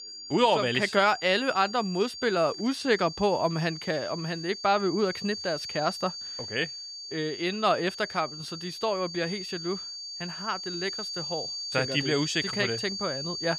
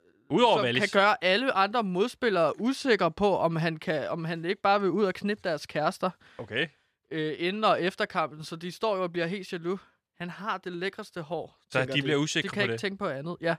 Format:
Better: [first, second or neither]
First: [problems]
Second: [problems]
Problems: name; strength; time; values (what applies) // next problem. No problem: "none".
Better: second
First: high-pitched whine; loud; throughout; 4.5 kHz, 7 dB below the speech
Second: none